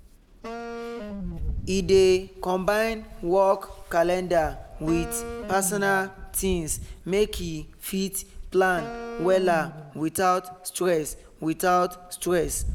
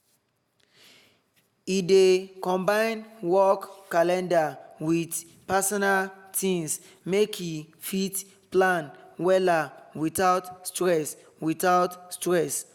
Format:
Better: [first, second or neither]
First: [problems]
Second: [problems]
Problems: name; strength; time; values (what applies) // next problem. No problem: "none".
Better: second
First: background sound (Wind instrument, woodwind instrument + Rain); 11 dB below the speech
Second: none